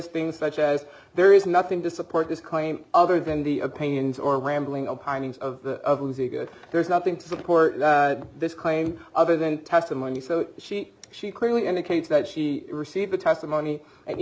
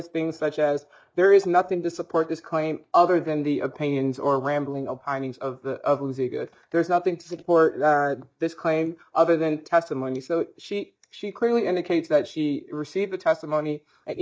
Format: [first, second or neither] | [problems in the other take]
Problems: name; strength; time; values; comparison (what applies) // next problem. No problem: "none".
first | noise reduction (neural mask model DeepFilterNet 3)